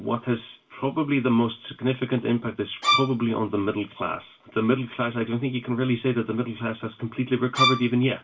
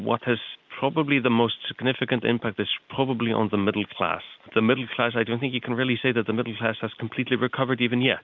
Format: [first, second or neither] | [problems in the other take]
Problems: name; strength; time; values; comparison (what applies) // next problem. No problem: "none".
second | background sound (Bowed string instrument); 1 dB above the speech // room echo; dies away in 0.2 s